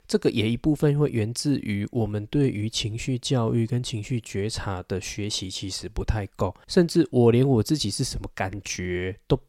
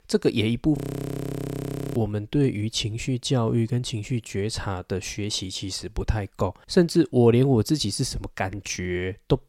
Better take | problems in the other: first | audio freezing; at 1 s for 1 s

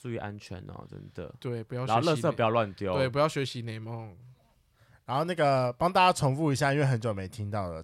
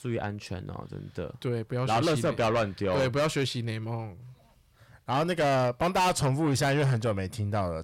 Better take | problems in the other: first | distortion; heavy; 8 dB below the speech

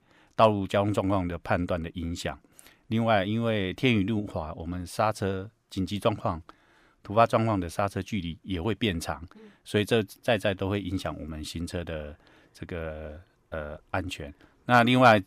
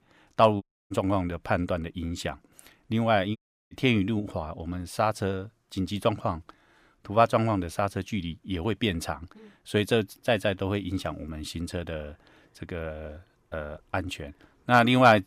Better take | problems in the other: first | audio cutting out; at 0.5 s and at 3.5 s

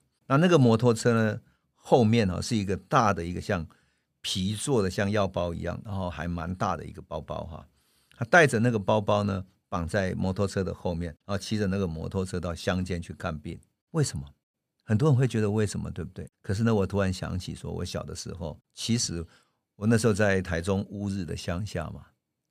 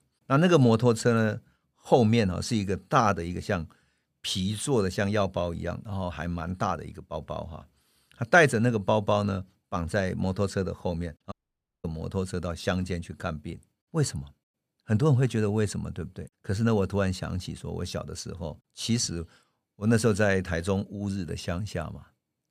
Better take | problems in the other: first | audio cutting out; at 11 s for 0.5 s

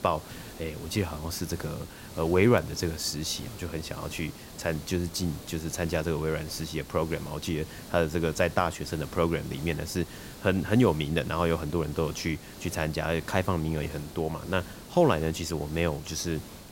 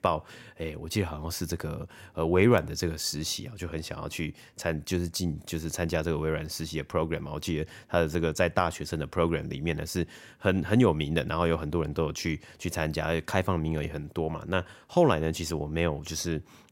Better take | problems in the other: second | hiss; noticeable; throughout; 15 dB below the speech

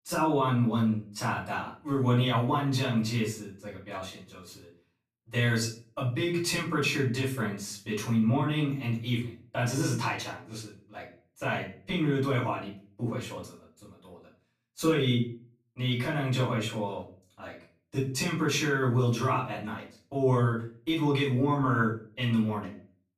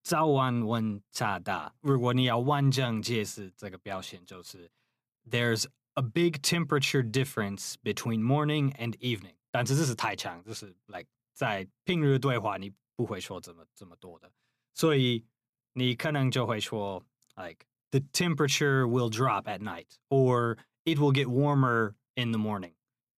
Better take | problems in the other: second | off-mic speech; far // room echo; slight; dies away in 0.4 s

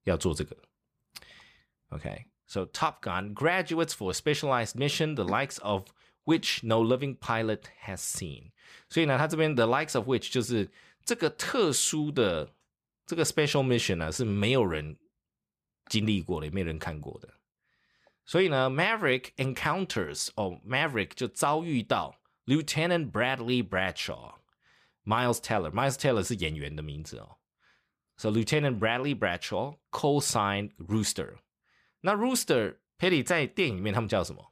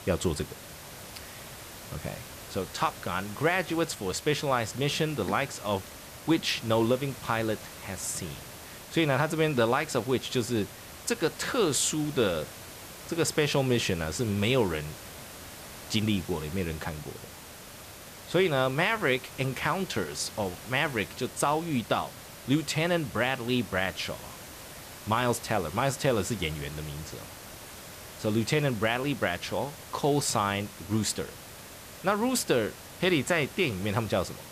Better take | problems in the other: first | hiss; noticeable; throughout; 15 dB below the speech

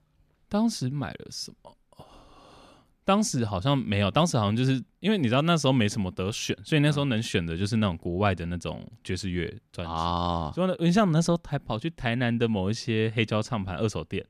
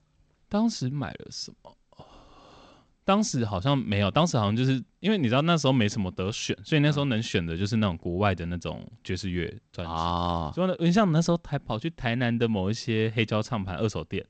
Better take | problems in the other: first | garbled, watery; slightly; nothing above 7.5 kHz

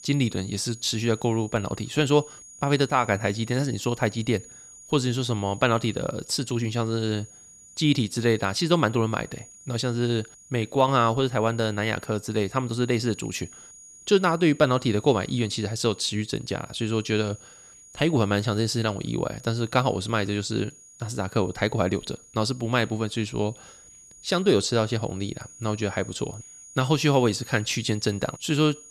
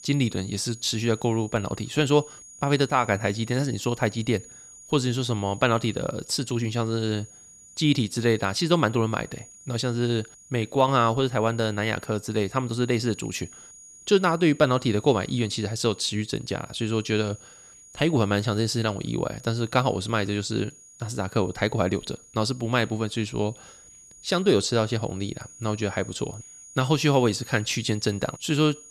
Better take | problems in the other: neither | high-pitched whine; faint; throughout; 6.5 kHz, 20 dB below the speech; the same in both

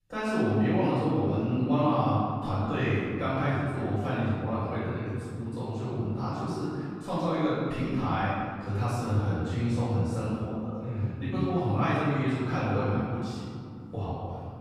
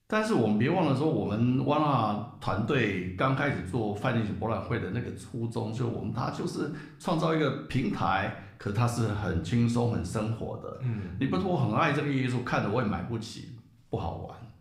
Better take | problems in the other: second | room echo; strong; dies away in 2.3 s; slight in the second // off-mic speech; far

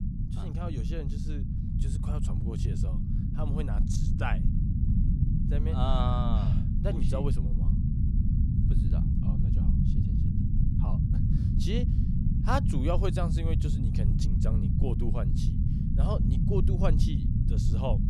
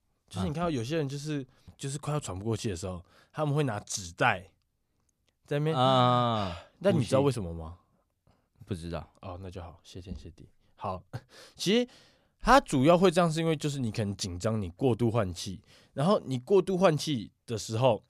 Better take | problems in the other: second | low rumble; loud; throughout; 3 dB below the speech

